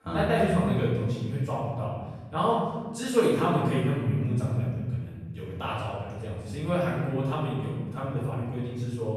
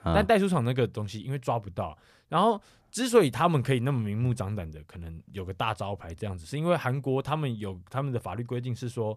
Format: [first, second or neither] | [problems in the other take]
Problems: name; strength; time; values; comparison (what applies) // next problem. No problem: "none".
second | room echo; strong; dies away in 1.7 s // off-mic speech; far